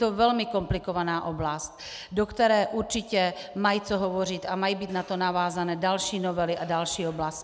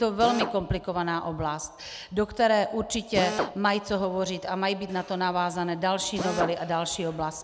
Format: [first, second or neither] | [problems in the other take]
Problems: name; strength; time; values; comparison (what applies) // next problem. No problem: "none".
first | background sound (Drill); 10 dB below the speech